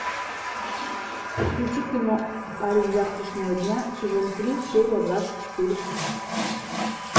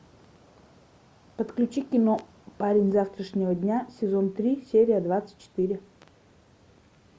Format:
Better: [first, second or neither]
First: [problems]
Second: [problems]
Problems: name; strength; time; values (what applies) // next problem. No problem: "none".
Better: second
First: background sound (Water tap, faucet); 3 dB below the speech // room echo; dies away in 0.8 s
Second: none